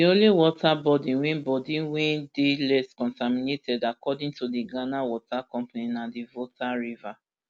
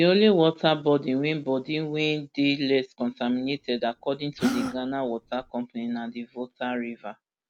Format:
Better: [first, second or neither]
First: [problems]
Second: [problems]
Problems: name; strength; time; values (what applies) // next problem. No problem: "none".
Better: first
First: none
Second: background sound (Gasp); 9 dB below the speech